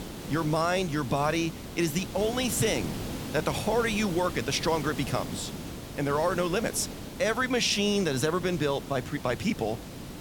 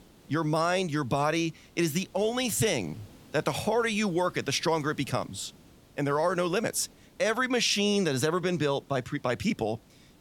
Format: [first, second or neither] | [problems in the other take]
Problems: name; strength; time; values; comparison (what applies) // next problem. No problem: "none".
second | hiss; loud; throughout; 10 dB below the speech; faint in the second